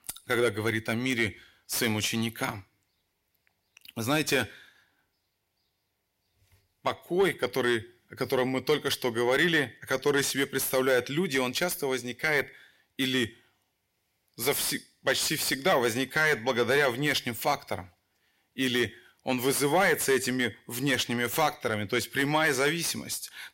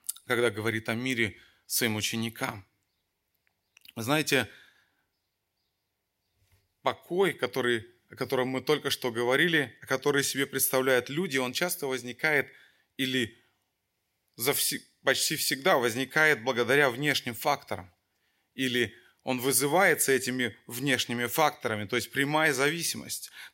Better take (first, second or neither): second